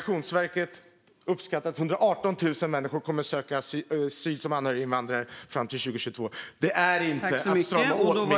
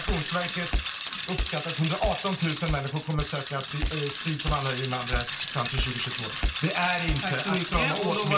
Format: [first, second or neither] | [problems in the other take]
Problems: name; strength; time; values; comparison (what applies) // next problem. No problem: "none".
first | background sound (Bicycle); 3 dB below the speech // room echo; dies away in 0.2 s